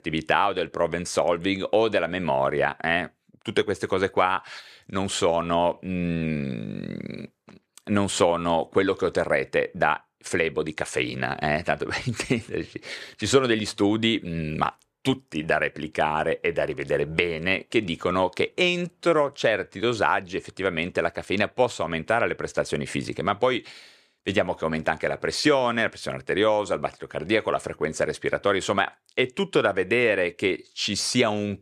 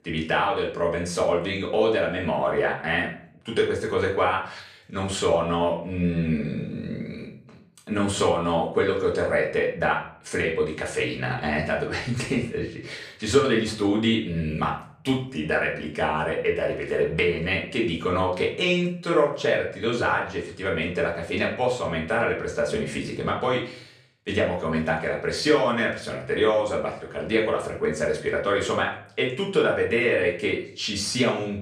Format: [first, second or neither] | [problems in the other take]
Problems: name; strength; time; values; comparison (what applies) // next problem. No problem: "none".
first | off-mic speech; far // room echo; slight; dies away in 0.4 s